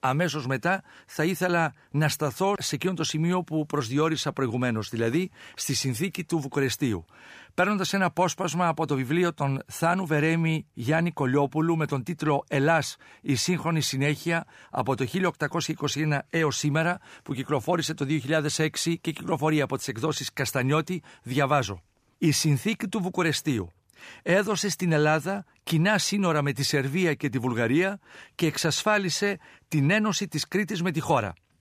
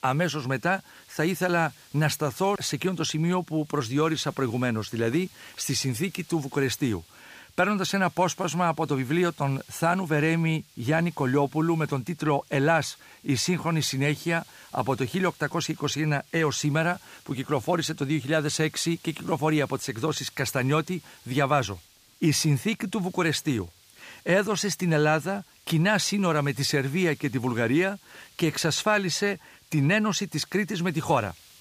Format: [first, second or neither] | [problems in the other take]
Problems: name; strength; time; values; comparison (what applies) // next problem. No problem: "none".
first | hiss; faint; throughout; 25 dB below the speech